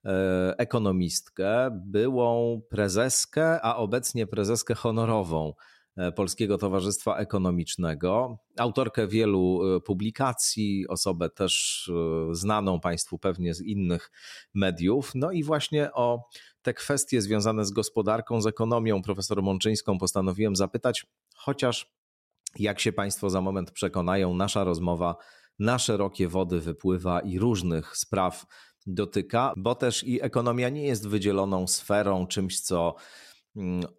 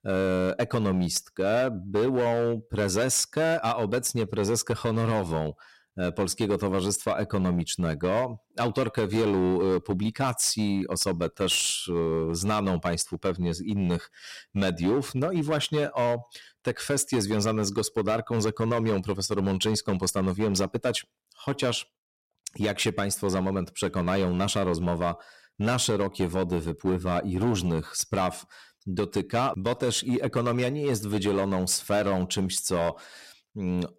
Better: first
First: none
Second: distortion; slight; 9% of the sound clipped

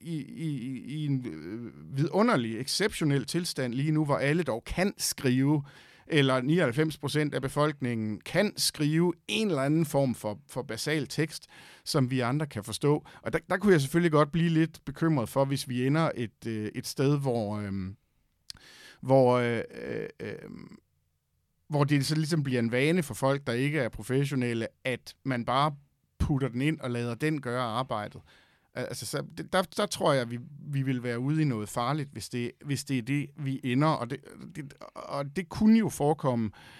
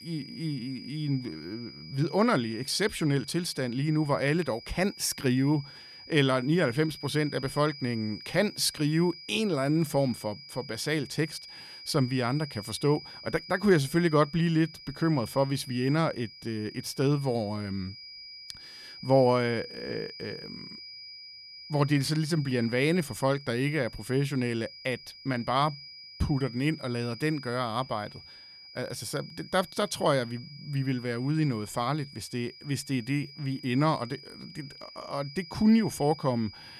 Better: first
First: none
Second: high-pitched whine; noticeable; throughout; 5 kHz, 15 dB below the speech

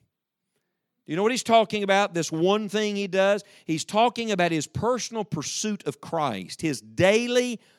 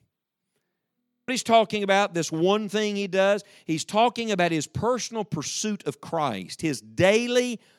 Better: first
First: none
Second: audio freezing; at 1 s

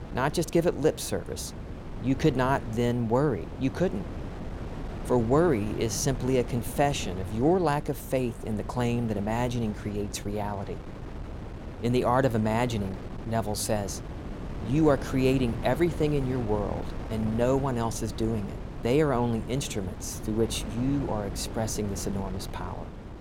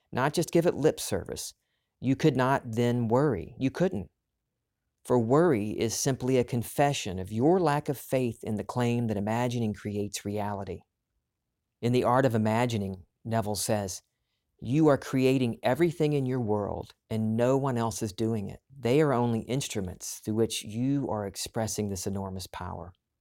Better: second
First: wind noise on the microphone; occasional gusts; 15 dB below the speech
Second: none

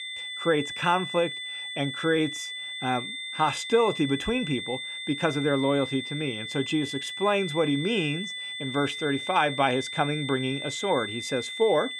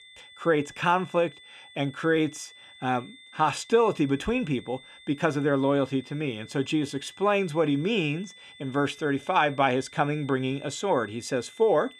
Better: second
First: high-pitched whine; loud; throughout; 3.5 kHz, 6 dB below the speech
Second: high-pitched whine; faint; throughout; 3.5 kHz, 20 dB below the speech

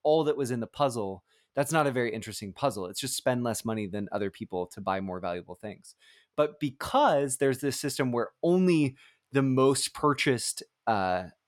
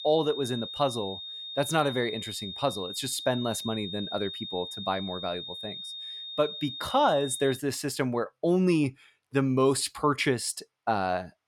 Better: first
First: none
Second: high-pitched whine; loud; until 7.5 s; 3.5 kHz, 8 dB below the speech

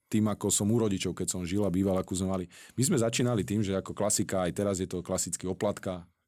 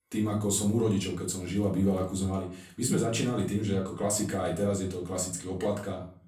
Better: first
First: none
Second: off-mic speech; far // room echo; slight; dies away in 0.4 s

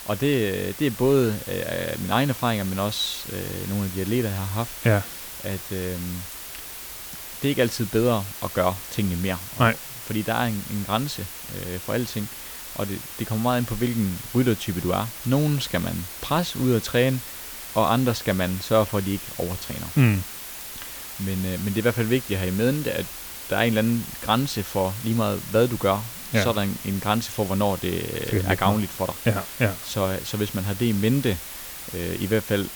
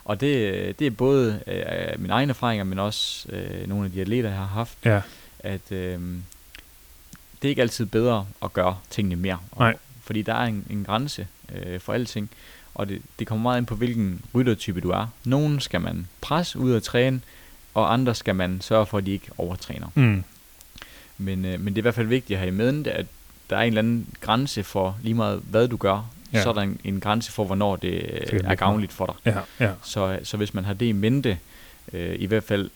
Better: second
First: hiss; loud; throughout; 9 dB below the speech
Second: hiss; faint; throughout; 25 dB below the speech

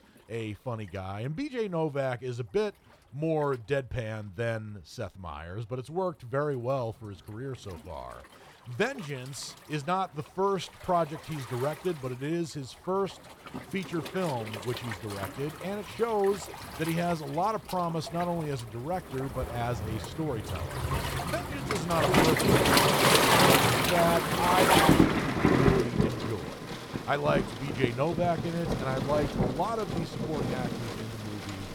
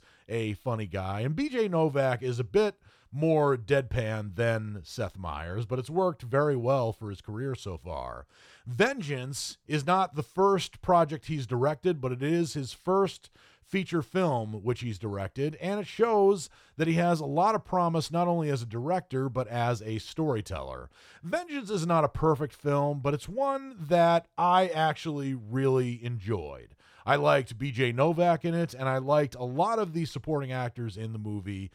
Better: second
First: rain or running water; very loud; throughout; 5 dB above the speech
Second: none

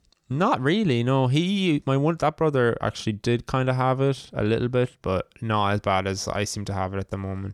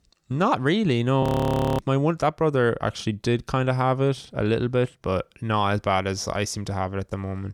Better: first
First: none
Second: audio freezing; at 1 s for 0.5 s

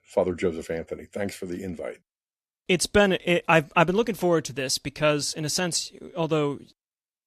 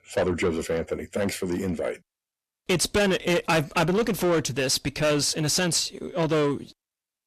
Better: first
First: none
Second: distortion; heavy; 6 dB below the speech

